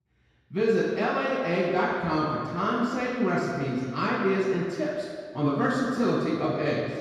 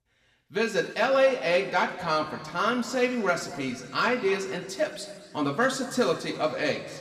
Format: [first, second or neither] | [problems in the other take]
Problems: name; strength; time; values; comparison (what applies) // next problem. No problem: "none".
second | room echo; strong; dies away in 2 s; slight in the second // off-mic speech; far; somewhat distant in the second